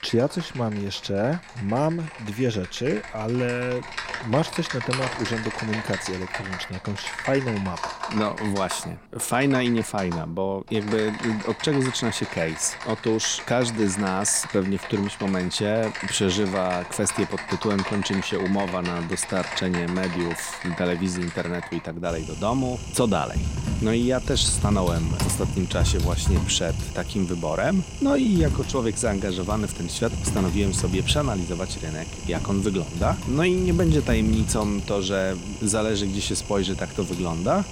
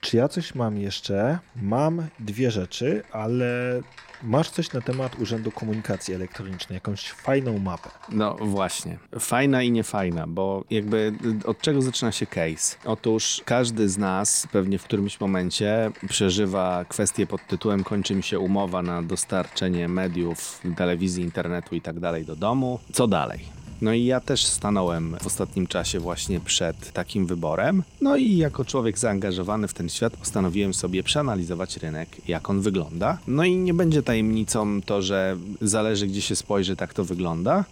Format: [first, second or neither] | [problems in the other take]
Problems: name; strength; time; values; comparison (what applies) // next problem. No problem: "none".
second | household noises; loud; throughout; 6 dB below the speech; faint in the second